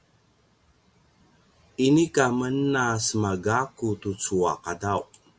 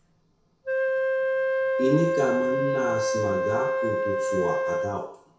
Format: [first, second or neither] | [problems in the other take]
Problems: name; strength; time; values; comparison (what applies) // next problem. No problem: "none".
first | background sound (Wind instrument, woodwind instrument); 4 dB above the speech // room echo; dies away in 0.6 s